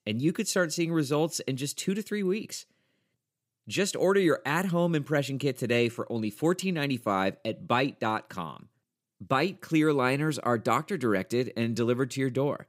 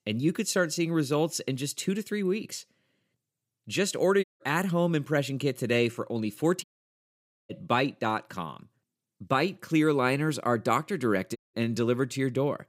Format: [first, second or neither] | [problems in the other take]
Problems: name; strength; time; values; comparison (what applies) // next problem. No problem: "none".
first | audio cutting out; at 4 s, at 6.5 s for 1 s and at 11 s